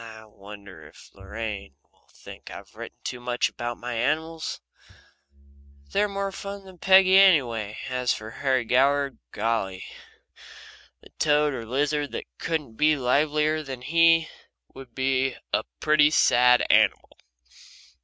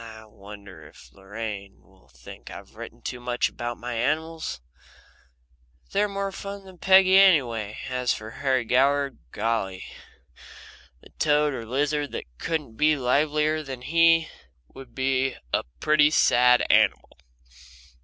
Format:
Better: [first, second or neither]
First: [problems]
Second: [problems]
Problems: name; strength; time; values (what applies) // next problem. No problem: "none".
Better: second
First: noise reduction (neural mask model RNNoise)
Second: none